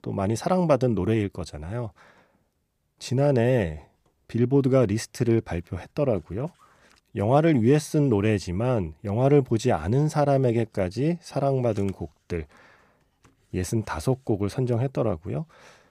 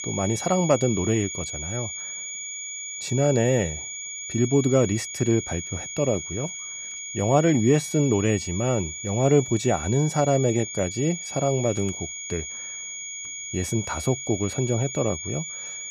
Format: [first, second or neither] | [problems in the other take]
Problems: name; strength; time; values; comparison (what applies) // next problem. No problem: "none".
first | high-pitched whine; loud; throughout; 7 kHz, 7 dB below the speech